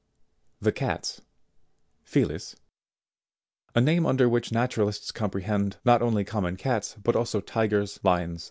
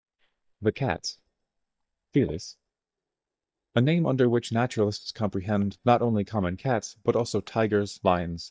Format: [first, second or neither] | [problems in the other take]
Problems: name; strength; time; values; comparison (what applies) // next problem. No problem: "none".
first | noise reduction (neural mask model DeepFilterNet 3)